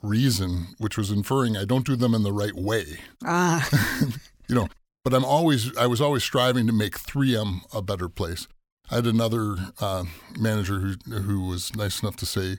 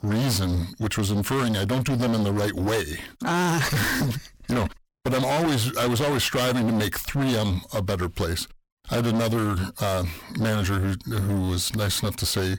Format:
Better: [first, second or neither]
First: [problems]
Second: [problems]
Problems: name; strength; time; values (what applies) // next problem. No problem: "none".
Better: first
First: none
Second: distortion; heavy; 29% of the sound clipped